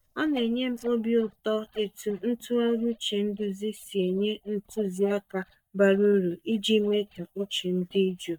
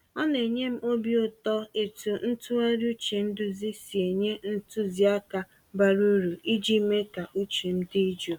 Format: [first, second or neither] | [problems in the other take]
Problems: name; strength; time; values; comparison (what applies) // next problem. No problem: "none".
second | noise reduction (neural mask model DeepFilterNet 3)